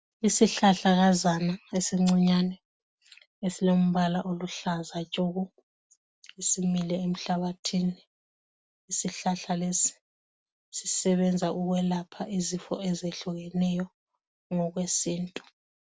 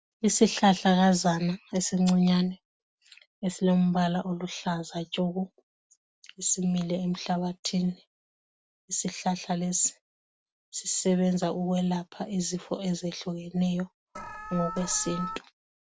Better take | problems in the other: first | background sound (Alarm); 9 dB below the speech

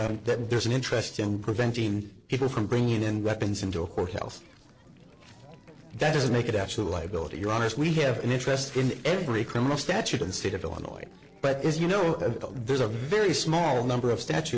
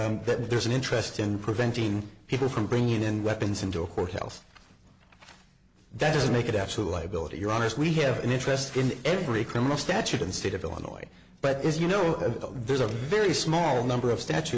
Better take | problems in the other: second | noise reduction (neural separator model SepFormer DNS4)

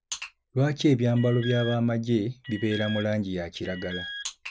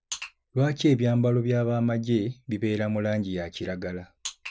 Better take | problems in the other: second | background sound (Alarm); 14 dB below the speech

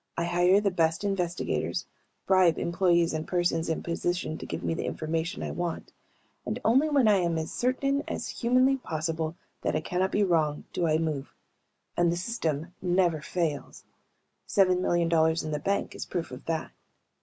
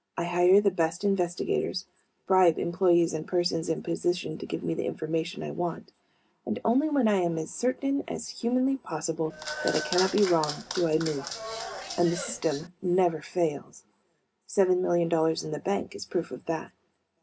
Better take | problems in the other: first | background sound (Applause / Clapping); 8 dB below the speech // room echo; dies away in 0.3 s

